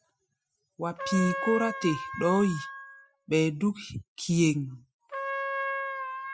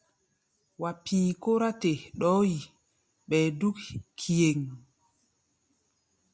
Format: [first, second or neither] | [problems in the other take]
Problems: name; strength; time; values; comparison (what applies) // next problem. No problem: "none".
second | noise reduction (classical method spectral subtraction)